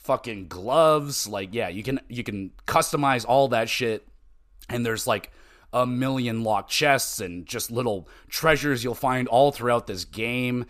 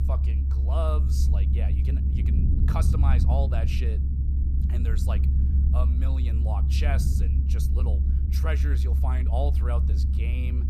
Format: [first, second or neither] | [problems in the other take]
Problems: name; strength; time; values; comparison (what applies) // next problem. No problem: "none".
first | low rumble; loud; throughout; 3 dB below the speech